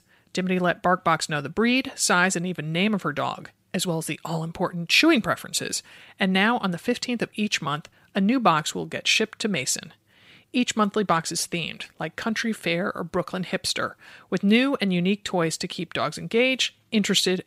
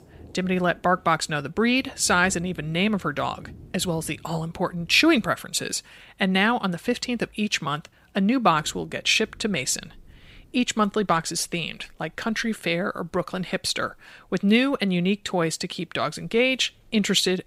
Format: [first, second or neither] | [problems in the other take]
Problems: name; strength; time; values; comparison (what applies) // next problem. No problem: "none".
first | rain or running water; faint; throughout; 25 dB below the speech